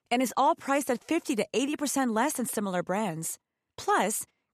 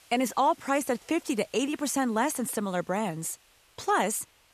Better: first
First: none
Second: hiss; faint; throughout; 30 dB below the speech

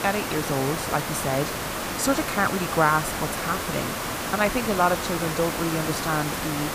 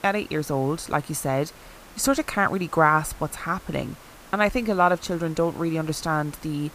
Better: second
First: hiss; loud; throughout; 2 dB below the speech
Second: hiss; faint; throughout; 20 dB below the speech

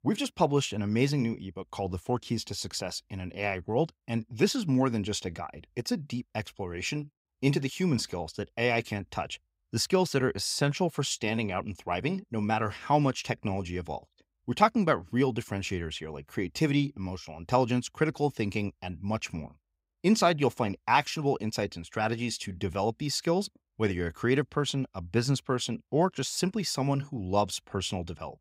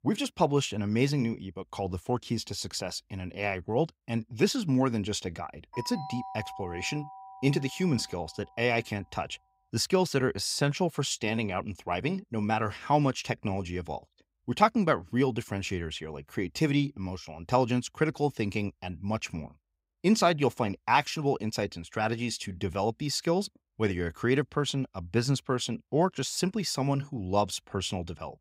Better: first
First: none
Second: doorbell; faint; from 5.5 to 8.5 s; peak 10 dB below the speech

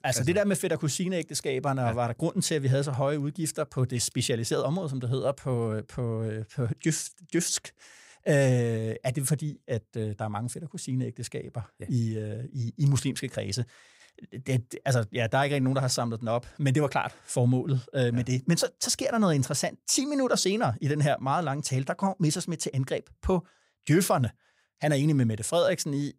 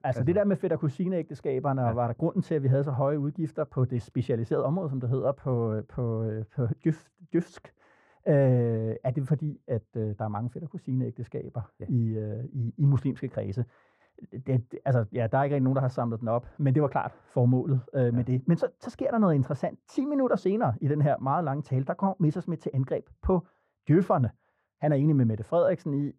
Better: first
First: none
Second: muffled; very; fading above 2.5 kHz

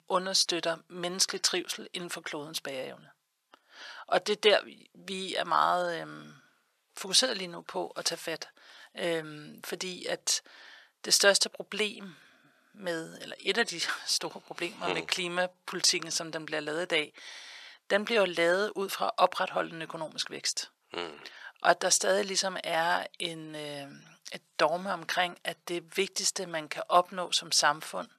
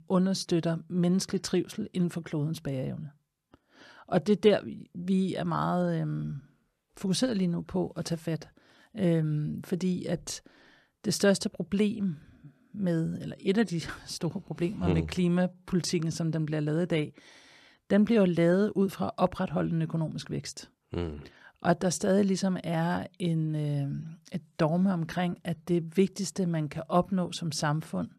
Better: second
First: thin; very; fading below 750 Hz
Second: none

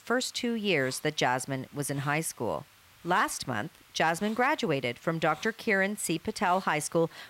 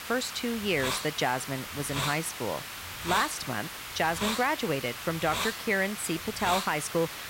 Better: first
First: hiss; faint; throughout; 25 dB below the speech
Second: hiss; loud; throughout; 4 dB below the speech

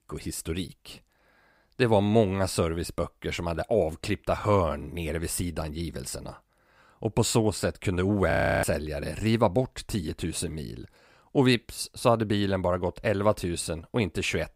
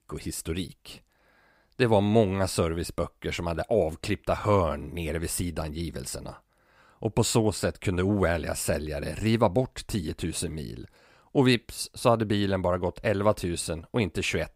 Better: second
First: audio freezing; at 8.5 s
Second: none

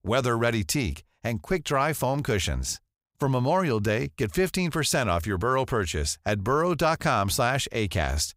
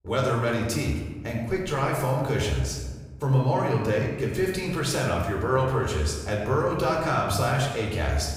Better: first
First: none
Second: off-mic speech; somewhat distant // room echo; noticeable; dies away in 1.2 s

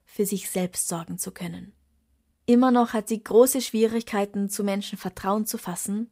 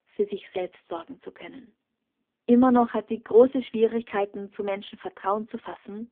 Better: first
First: none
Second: phone-call audio; poor line

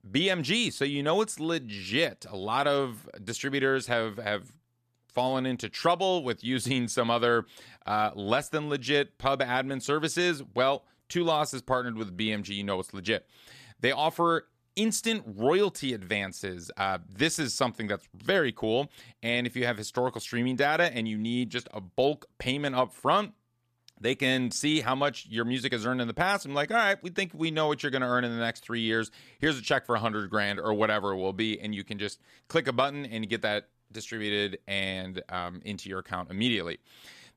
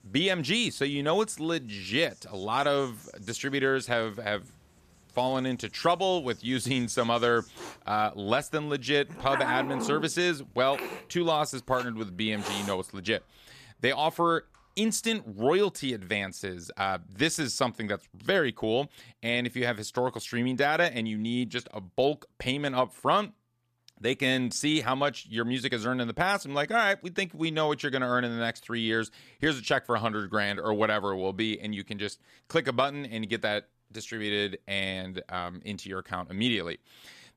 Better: first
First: none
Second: animal sounds; loud; until 15 s; 10 dB below the speech

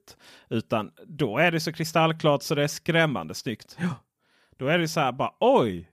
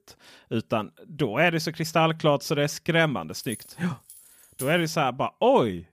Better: first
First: none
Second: jangling keys; faint; from 3.5 to 5 s; peak 15 dB below the speech

